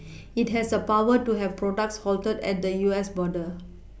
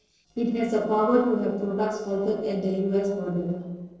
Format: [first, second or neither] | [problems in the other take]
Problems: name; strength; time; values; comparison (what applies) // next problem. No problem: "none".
first | noise reduction (neural separator model SepFormer DNS4)